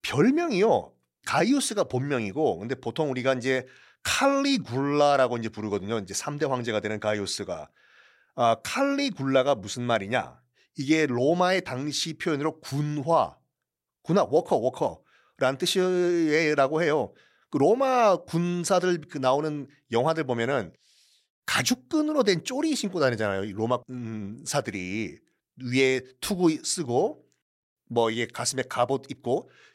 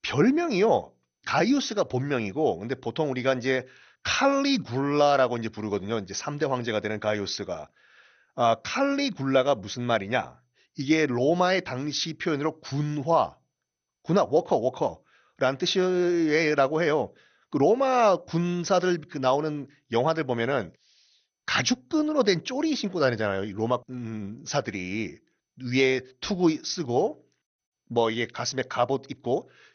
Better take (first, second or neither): first